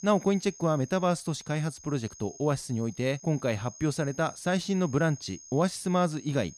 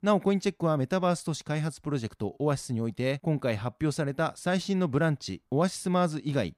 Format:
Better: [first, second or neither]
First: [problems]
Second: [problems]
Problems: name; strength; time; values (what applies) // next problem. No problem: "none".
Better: second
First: high-pitched whine; noticeable; throughout; 6.5 kHz, 20 dB below the speech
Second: none